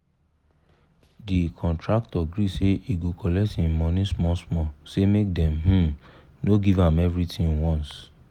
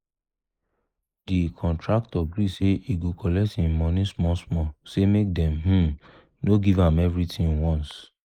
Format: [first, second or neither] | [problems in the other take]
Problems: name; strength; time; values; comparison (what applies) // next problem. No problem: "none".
first | noise reduction (neural mask model Resemble Enhance denoiser)